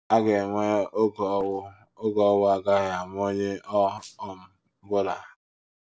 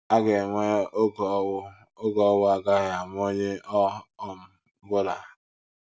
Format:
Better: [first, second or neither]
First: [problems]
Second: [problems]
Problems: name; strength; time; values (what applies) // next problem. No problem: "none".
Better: second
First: noise reduction (neural separator model SepFormer DNS4)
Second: none